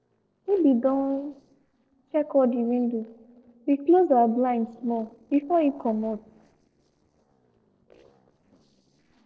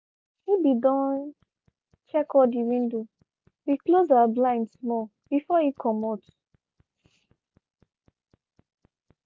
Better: second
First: noise reduction (neural separator model SepFormer DNS4)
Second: none

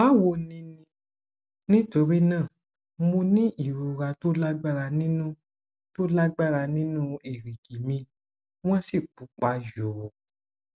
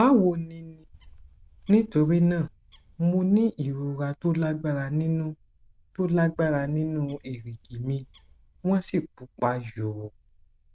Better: first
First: none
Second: noise reduction (neural diffusion model UNIVERSE++)

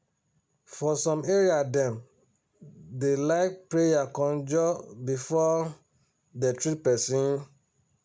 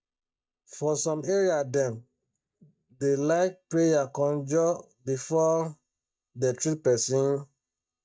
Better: first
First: none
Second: noise reduction (neural mask model DeepFilterNet 3)

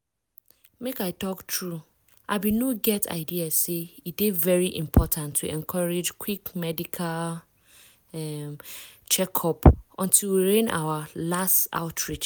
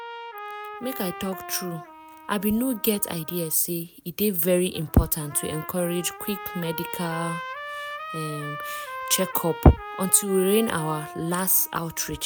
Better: first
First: none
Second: background sound (Trumpet); 12 dB below the speech

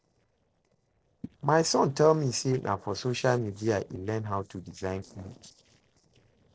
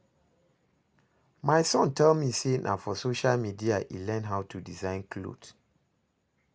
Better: second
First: noise reduction (neural separator model SepFormer DNS4)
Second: none

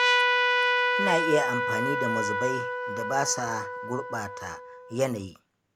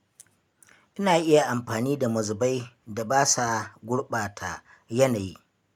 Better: second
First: background sound (Trumpet); 4 dB above the speech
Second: none

